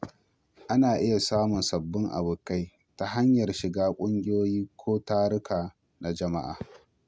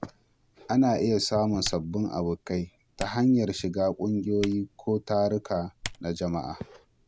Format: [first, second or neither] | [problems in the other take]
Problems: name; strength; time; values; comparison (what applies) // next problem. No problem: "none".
first | background sound (Typing); 18 dB below the speech